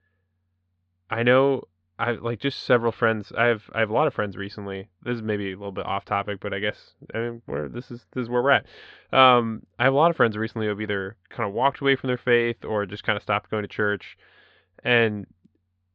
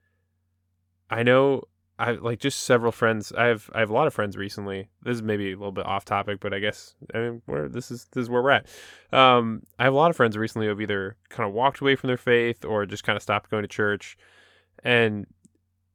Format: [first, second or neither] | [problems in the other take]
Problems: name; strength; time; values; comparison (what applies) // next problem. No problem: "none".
second | muffled; very slightly; fading above 4 kHz